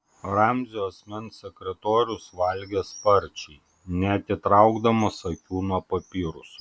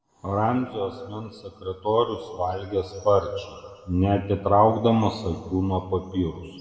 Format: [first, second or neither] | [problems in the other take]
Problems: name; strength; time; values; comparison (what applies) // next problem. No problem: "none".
first | room echo; dies away in 1.4 s